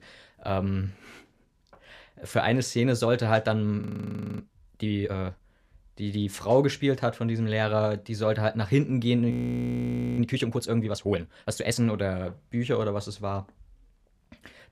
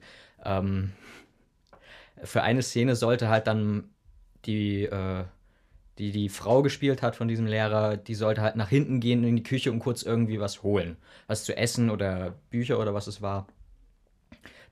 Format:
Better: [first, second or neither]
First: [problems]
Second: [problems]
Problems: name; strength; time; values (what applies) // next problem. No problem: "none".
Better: second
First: audio freezing; at 4 s for 0.5 s and at 9.5 s for 1 s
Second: none